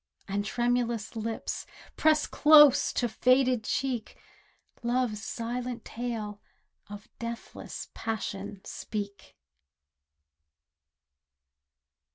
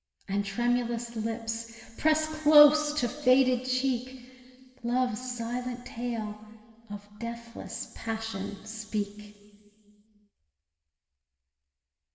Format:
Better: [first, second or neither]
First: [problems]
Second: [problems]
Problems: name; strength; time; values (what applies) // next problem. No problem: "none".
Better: first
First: none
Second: room echo; dies away in 2.7 s